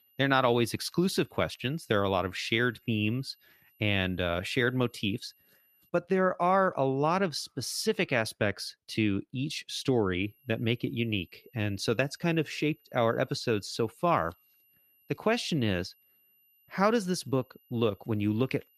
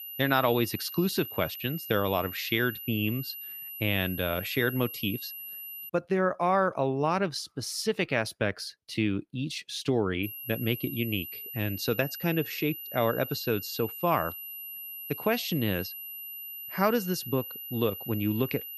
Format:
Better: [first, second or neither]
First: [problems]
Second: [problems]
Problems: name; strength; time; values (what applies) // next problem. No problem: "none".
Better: first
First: high-pitched whine; faint; until 6 s and from 10 s on; 12 kHz, 35 dB below the speech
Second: high-pitched whine; loud; until 6 s and from 10 s on; 12 kHz, 8 dB below the speech